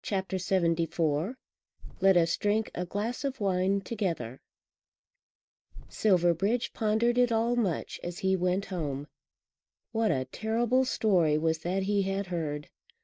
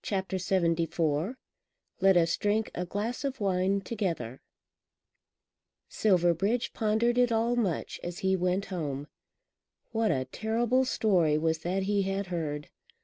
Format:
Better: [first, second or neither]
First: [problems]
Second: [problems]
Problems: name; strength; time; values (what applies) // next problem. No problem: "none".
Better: second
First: noise reduction (neural mask model DeepFilterNet 3)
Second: none